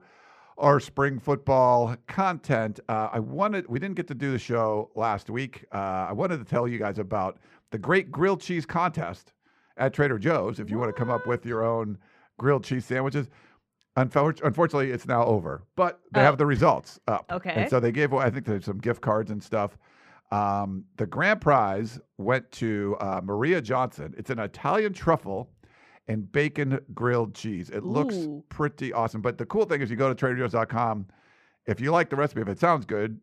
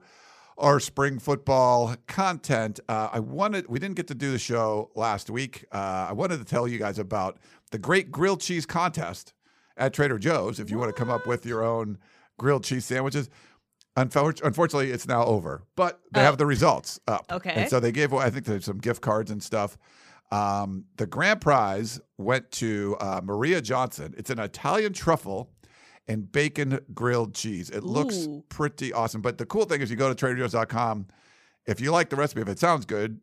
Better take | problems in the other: second | muffled; slightly; fading above 4 kHz

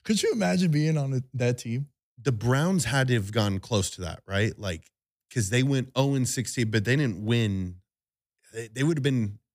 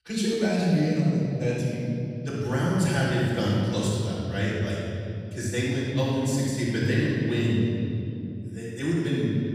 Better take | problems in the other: first | off-mic speech; far // room echo; strong; dies away in 3 s

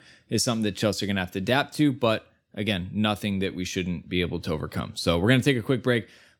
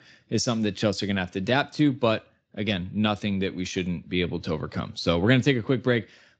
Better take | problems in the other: first | garbled, watery; slightly; nothing above 7.5 kHz

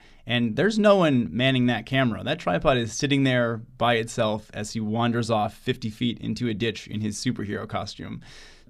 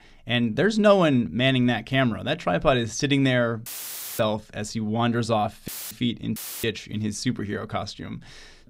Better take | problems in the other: first | audio cutting out; filled with static; at 3.5 s for 0.5 s, at 5.5 s and at 6.5 s

